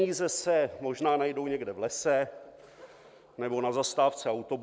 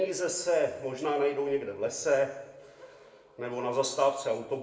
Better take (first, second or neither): first